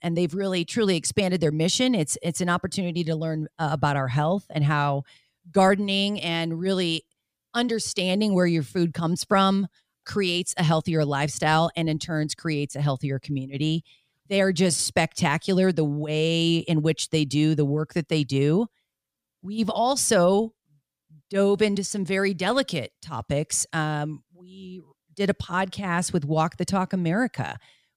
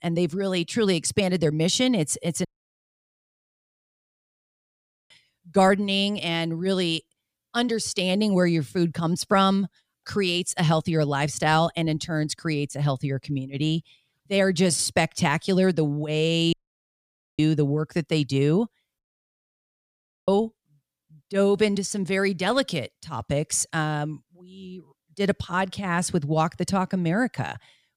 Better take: first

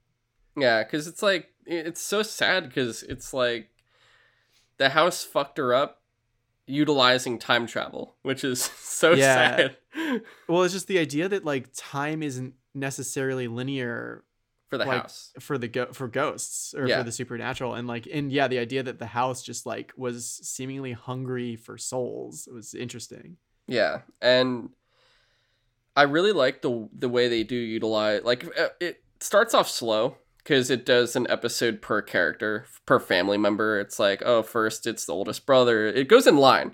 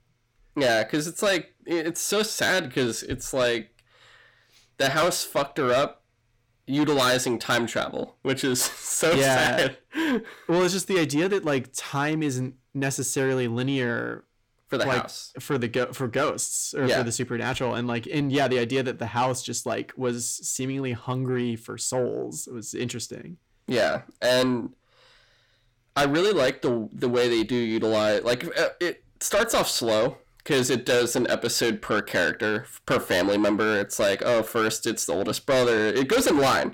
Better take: first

